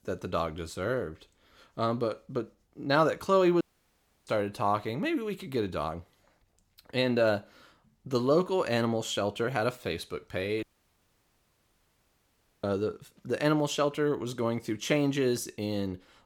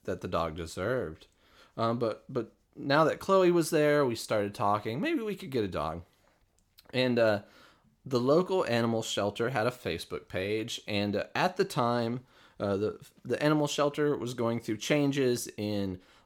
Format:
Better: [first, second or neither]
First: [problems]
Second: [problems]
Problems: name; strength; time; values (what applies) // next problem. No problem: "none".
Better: second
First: audio cutting out; at 3.5 s for 0.5 s and at 11 s for 2 s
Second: none